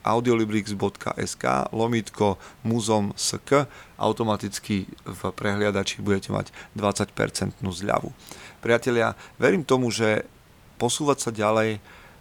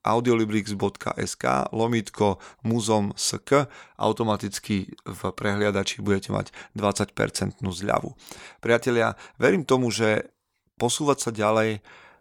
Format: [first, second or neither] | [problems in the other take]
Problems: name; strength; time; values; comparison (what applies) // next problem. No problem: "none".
second | hiss; faint; throughout; 30 dB below the speech